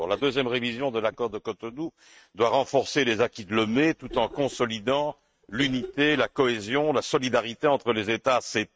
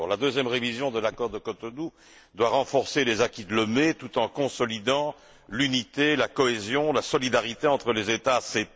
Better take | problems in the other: second | noise reduction (neural mask model RNNoise)

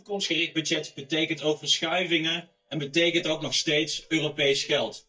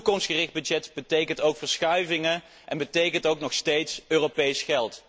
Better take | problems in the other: second | noise reduction (neural mask model DeepFilterNet 3)

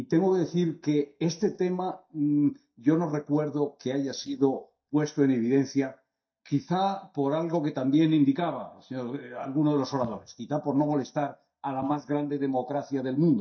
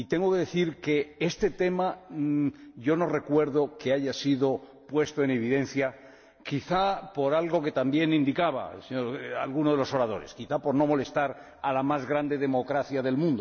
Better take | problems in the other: second | noise reduction (neural mask model DeepFilterNet 3)

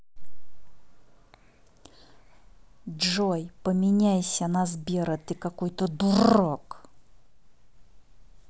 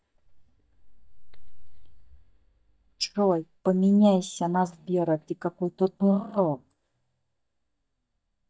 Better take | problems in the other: first | noise reduction (neural mask model DeepFilterNet 3)

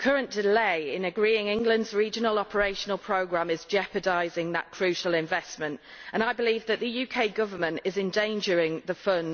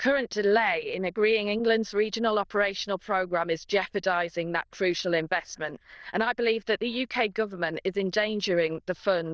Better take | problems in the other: first | noise reduction (neural diffusion model UNIVERSE++)

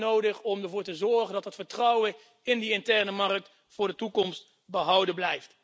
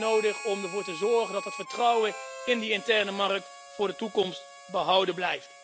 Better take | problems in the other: first | background sound (Harmonica); 13 dB below the speech

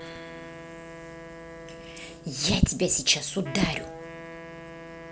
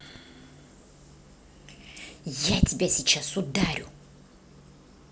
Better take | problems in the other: second | background sound (Wind instrument, woodwind instrument); 12 dB below the speech

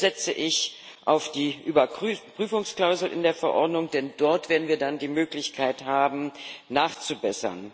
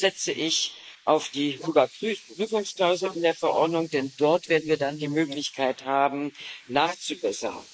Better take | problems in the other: first | noise reduction (neural mask model Resemble Enhance denoiser)

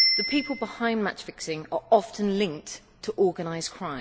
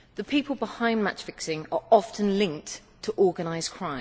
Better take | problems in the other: second | background sound (Bicycle bell); 5 dB below the speech

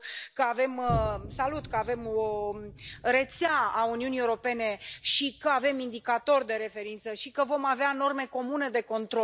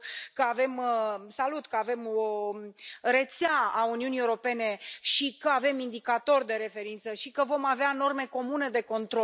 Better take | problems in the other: second | background sound (Boom); 15 dB below the speech

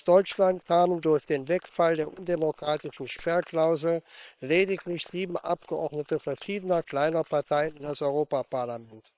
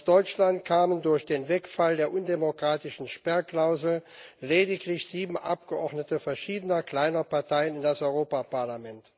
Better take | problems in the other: second | noise reduction (neural separator model SepFormer WHAM!)

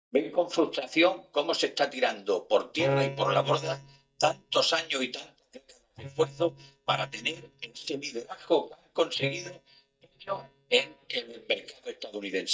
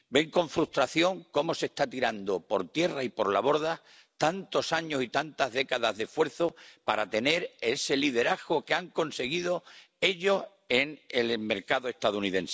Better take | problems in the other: second | noise reduction (neural mask model DeepFilterNet 3)

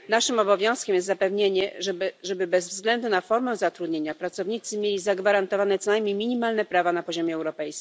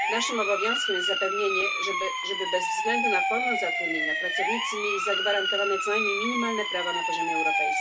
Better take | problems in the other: first | background sound (Siren); 3 dB above the speech // room echo; dies away in 0.1 s

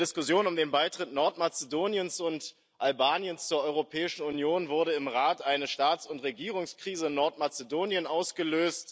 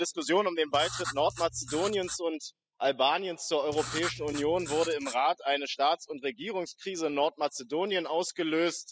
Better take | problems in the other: first | noise reduction (classical method spectral subtraction)

